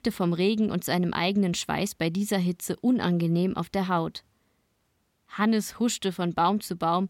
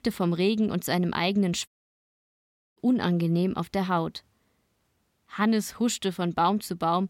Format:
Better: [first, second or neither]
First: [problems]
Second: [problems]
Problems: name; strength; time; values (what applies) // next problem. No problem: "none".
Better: first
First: none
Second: audio cutting out; at 1.5 s for 1 s